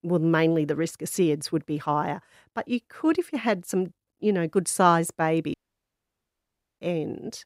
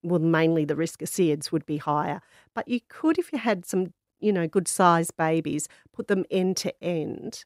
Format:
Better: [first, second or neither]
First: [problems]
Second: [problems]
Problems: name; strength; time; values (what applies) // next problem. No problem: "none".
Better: second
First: audio cutting out; at 5.5 s for 1.5 s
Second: none